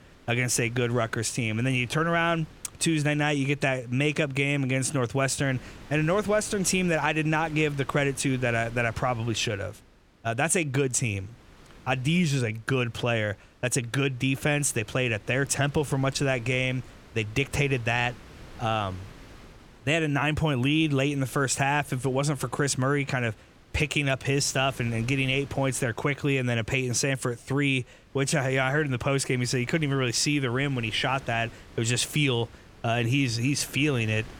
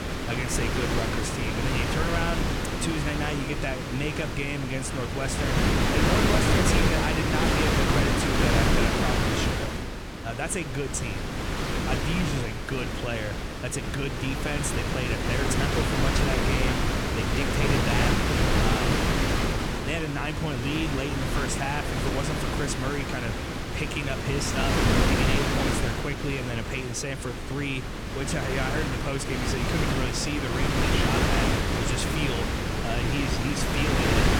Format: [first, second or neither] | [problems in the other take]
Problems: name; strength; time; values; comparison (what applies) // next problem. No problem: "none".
first | wind noise on the microphone; heavy; 4 dB above the speech; occasional gusts in the first